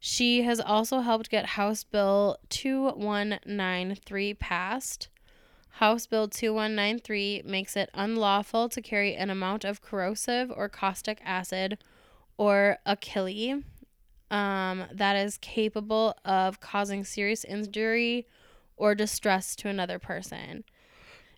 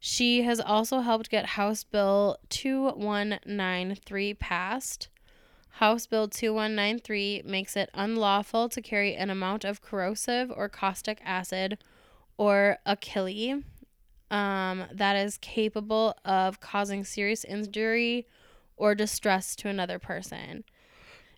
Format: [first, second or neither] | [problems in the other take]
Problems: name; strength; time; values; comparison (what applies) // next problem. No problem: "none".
neither | none